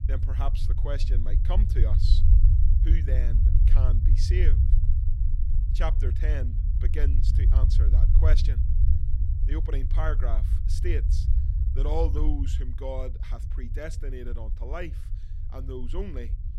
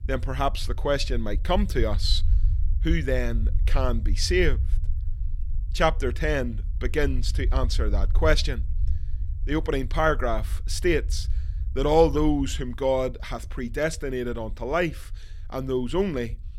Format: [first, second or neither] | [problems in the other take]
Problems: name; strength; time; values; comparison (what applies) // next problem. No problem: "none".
second | low rumble; loud; throughout; 6 dB below the speech; faint in the second